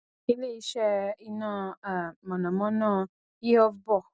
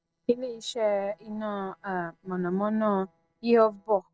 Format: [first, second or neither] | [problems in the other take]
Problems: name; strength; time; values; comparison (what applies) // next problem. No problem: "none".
first | noise reduction (neural separator model SepFormer DNS4)